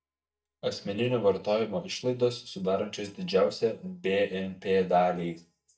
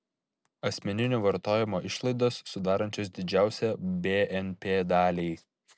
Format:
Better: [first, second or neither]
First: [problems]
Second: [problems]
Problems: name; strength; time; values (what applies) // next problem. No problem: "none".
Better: second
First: noise reduction (neural mask model DeepFilterNet 3)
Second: none